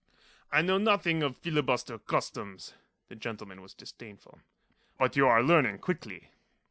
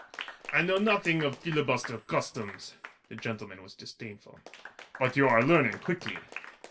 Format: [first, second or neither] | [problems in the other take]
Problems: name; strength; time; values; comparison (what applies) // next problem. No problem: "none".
first | background sound (Applause / Clapping); 15 dB below the speech // room echo; dies away in 0.2 s